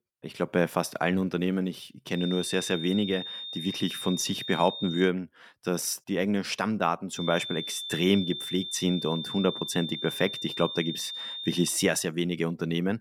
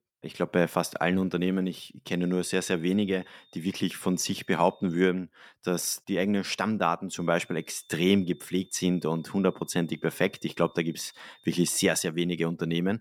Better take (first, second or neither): second